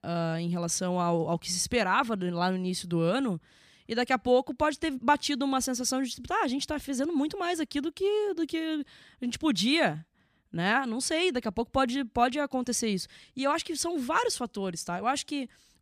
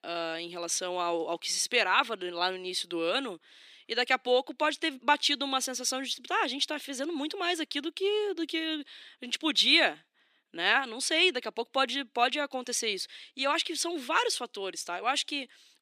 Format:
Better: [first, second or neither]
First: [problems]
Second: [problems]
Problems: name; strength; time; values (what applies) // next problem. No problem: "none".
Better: first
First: none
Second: thin; somewhat; fading below 350 Hz